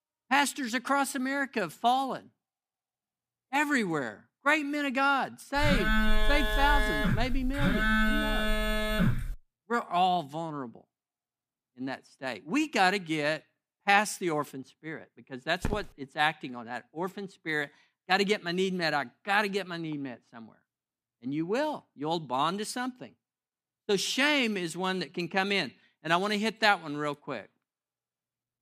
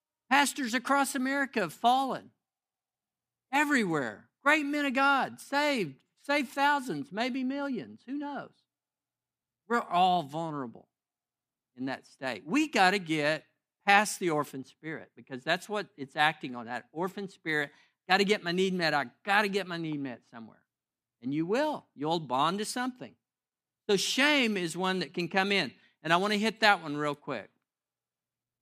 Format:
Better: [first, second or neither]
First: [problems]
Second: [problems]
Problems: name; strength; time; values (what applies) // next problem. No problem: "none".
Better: second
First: phone ringing; loud; from 5.5 to 9.5 s; peak 4 dB above the speech // footsteps; noticeable; at 16 s; peak 8 dB below the speech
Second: none